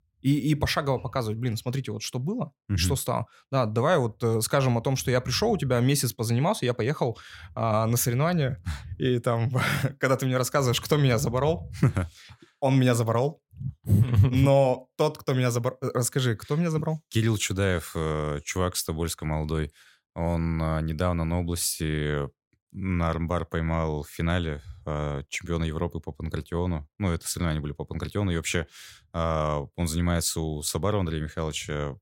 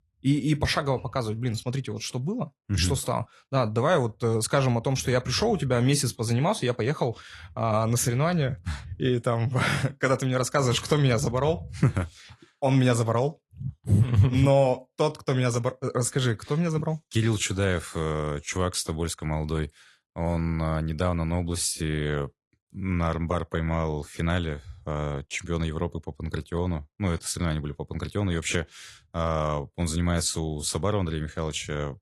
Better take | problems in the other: first | garbled, watery; slightly; nothing above 11.5 kHz

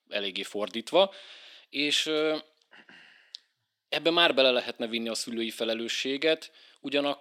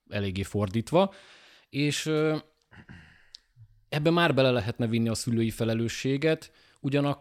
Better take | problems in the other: second | thin; somewhat; fading below 250 Hz

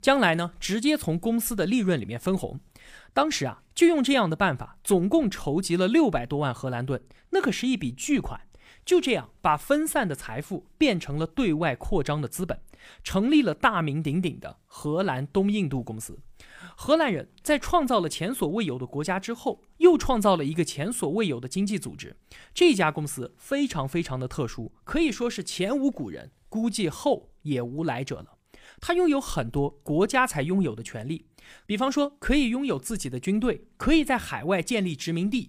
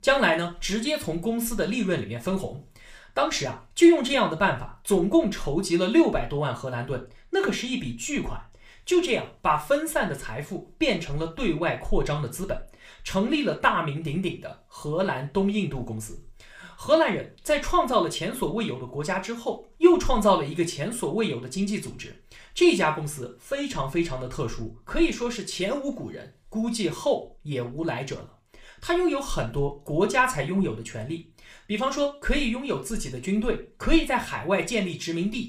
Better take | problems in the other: first | room echo; very slight; dies away in 0.3 s

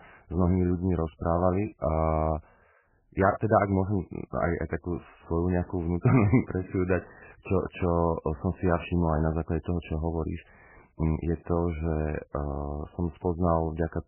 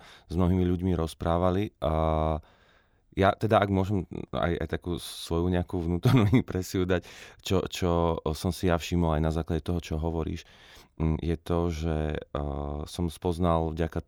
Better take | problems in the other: second | garbled, watery; badly; nothing above 3 kHz

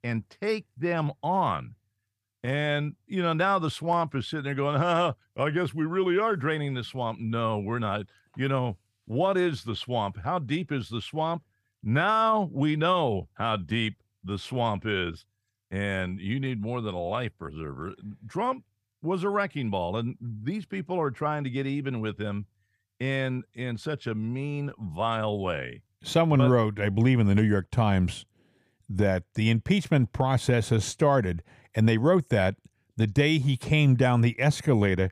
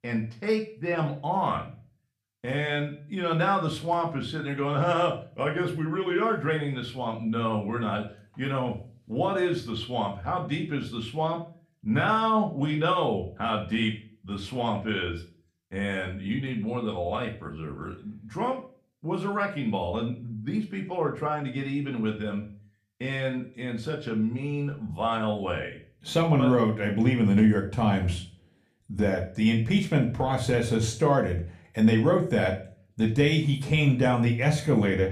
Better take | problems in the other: first | room echo; slight; dies away in 0.4 s // off-mic speech; somewhat distant

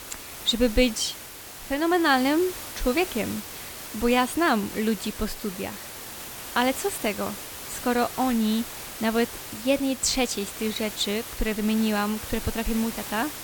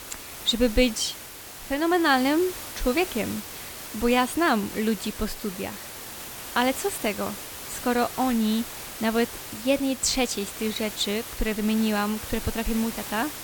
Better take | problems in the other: neither | hiss; loud; throughout; 10 dB below the speech; the same in both

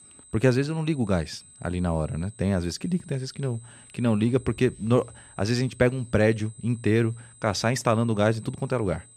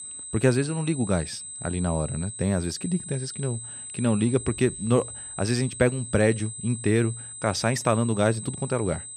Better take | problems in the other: first | high-pitched whine; loud; throughout; 8 kHz, 10 dB below the speech; faint in the first

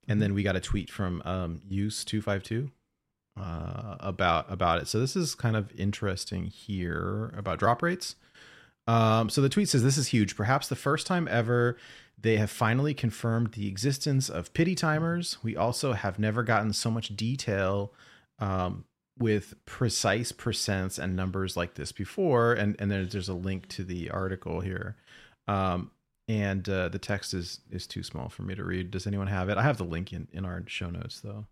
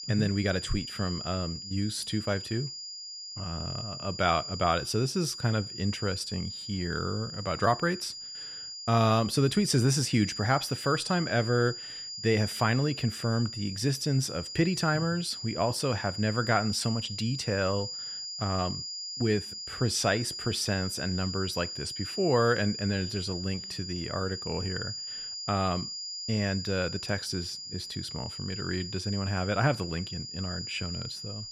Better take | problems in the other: first | high-pitched whine; loud; throughout; 5 kHz, 7 dB below the speech

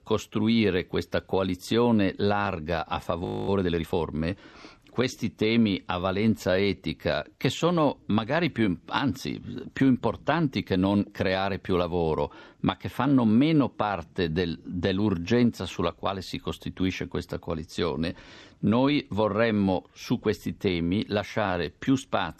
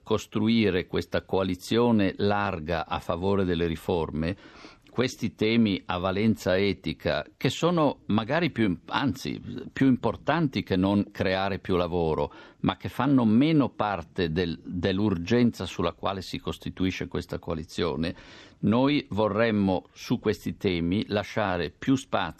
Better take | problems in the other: second | audio freezing; at 3 s

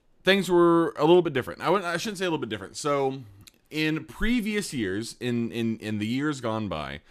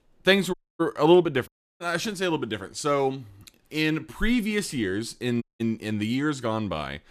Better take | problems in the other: first | audio cutting out; at 0.5 s, at 1.5 s and at 5.5 s

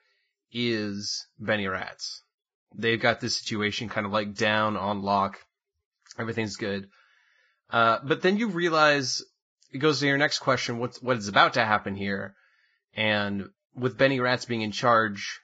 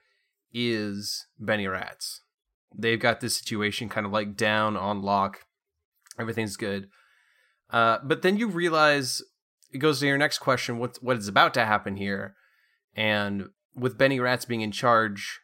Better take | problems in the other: second | garbled, watery; badly

